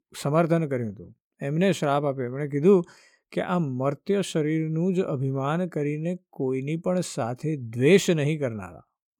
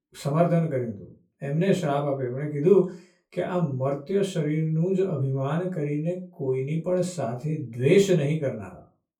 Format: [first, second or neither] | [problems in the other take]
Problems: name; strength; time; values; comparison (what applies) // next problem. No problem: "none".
first | off-mic speech; far // room echo; very slight; dies away in 0.2 s